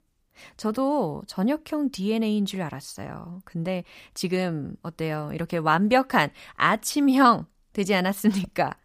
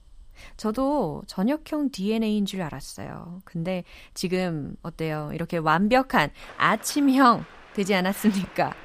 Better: first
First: none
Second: traffic noise; faint; throughout; 25 dB below the speech

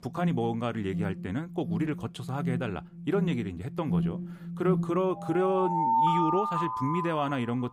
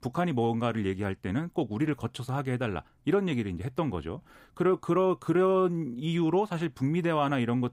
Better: second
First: alarms or sirens; loud; throughout; 1 dB below the speech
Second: none

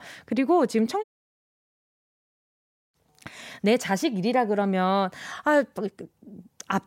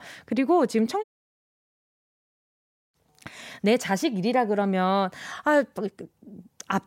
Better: neither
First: audio cutting out; at 1 s for 2 s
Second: audio cutting out; at 1 s for 2 s

